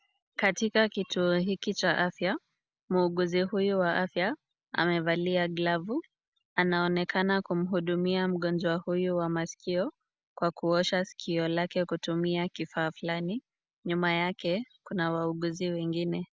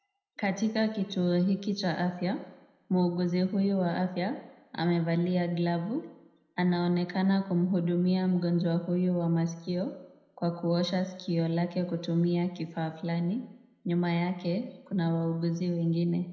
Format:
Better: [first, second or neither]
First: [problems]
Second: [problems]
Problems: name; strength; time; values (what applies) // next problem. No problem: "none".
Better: first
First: none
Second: room echo; dies away in 0.8 s